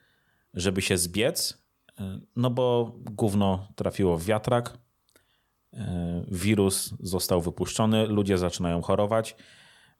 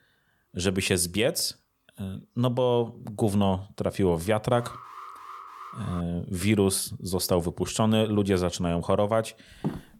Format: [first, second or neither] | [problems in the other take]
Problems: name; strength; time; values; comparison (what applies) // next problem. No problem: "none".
first | alarm; faint; from 4.5 to 6 s; peak 15 dB below the speech // footsteps; noticeable; at 9.5 s; peak 8 dB below the speech